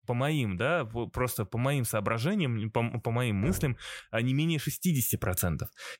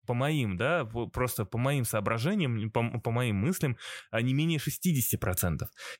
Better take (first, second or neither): second